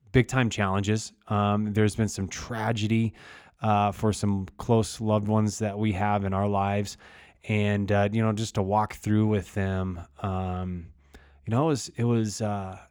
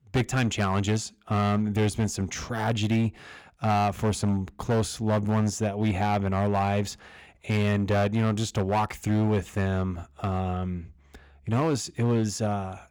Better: first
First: none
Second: distortion; slight; 9% of the sound clipped

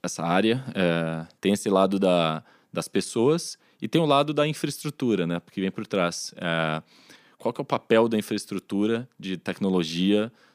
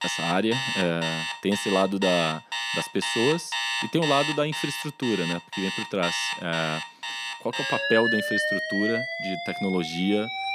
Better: first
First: none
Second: alarms or sirens; loud; throughout; 1 dB below the speech

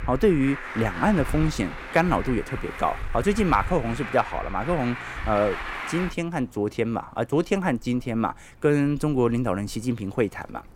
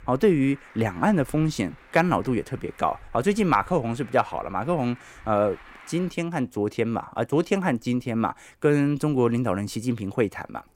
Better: second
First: traffic noise; loud; throughout; 9 dB below the speech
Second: traffic noise; faint; throughout; 25 dB below the speech

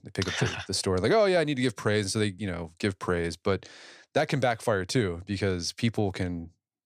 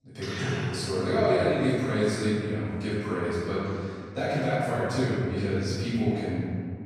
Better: first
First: none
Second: room echo; strong; dies away in 2.5 s // off-mic speech; far

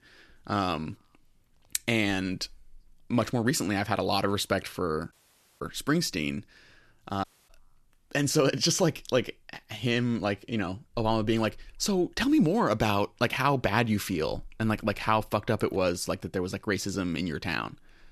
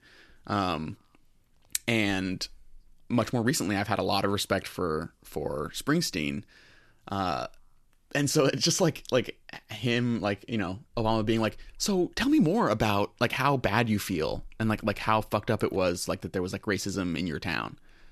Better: second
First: audio cutting out; at 5 s and at 7 s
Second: none

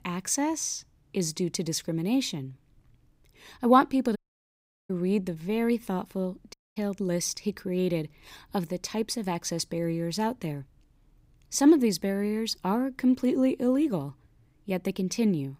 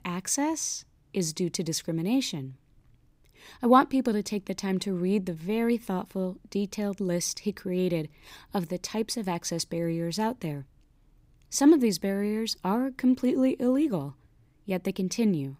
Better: second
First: audio cutting out; at 4 s for 0.5 s and at 6.5 s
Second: none

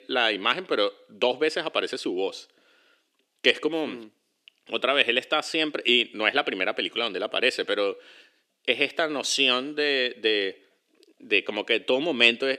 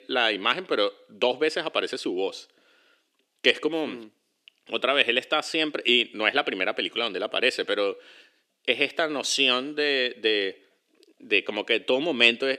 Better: neither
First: thin; somewhat; fading below 300 Hz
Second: thin; somewhat; fading below 300 Hz

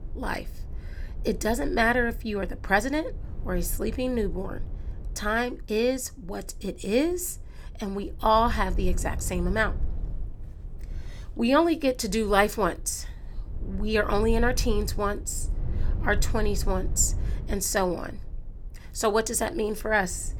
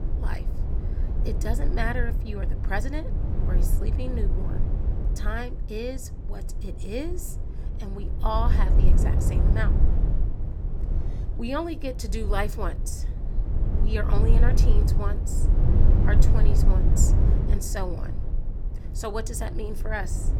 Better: first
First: low rumble; faint; throughout; 25 dB below the speech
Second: low rumble; loud; throughout; 6 dB below the speech

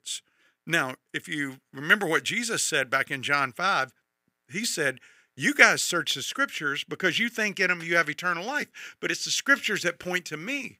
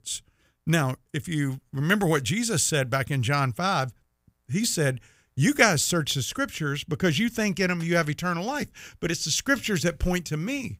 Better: second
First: thin; somewhat; fading below 300 Hz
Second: none

